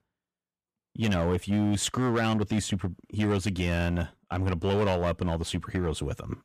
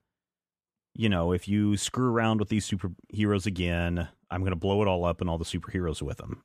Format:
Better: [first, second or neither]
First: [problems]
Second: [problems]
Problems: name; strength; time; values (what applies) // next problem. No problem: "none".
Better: second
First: distortion; slight; 8% of the sound clipped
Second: none